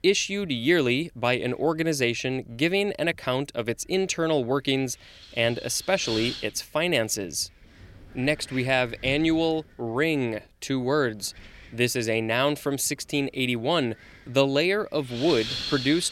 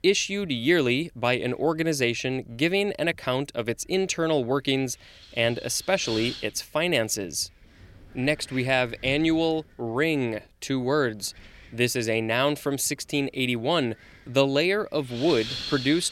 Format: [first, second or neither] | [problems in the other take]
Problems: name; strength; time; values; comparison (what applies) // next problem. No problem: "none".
second | wind noise on the microphone; heavy; 9 dB below the speech; occasional gusts in the second